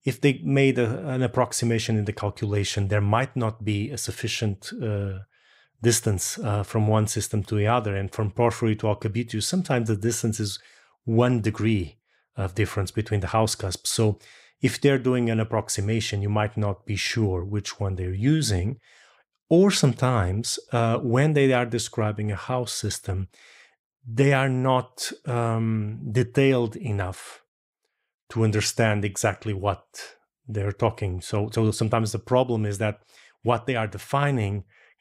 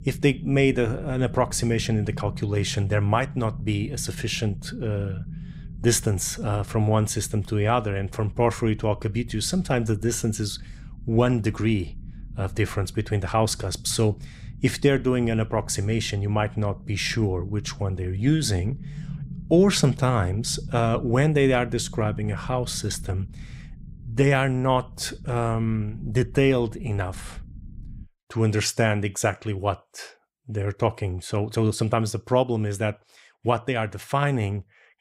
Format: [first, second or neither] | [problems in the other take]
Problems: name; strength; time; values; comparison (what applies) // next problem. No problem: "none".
first | low rumble; faint; until 28 s; 25 dB below the speech